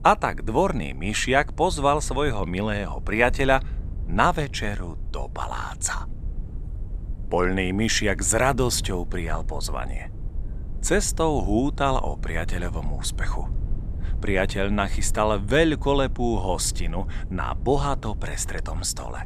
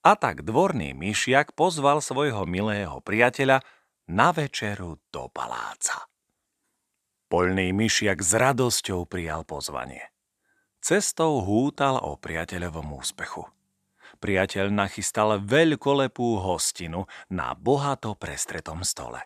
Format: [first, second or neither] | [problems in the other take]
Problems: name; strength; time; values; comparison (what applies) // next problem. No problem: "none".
second | low rumble; faint; throughout; 25 dB below the speech